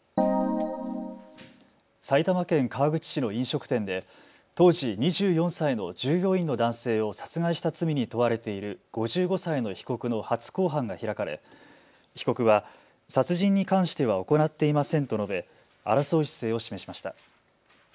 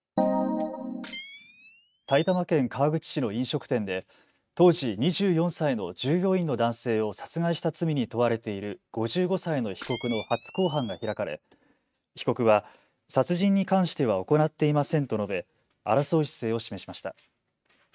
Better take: first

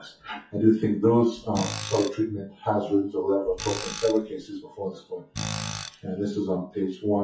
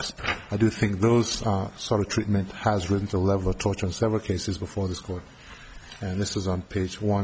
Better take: second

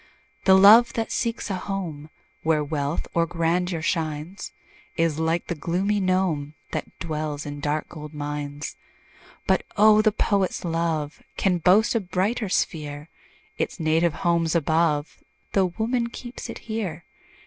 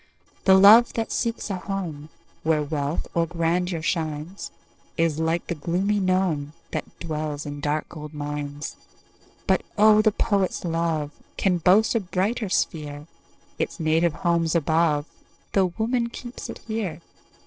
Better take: first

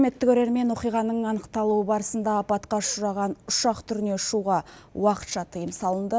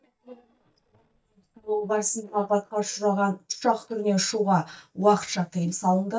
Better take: first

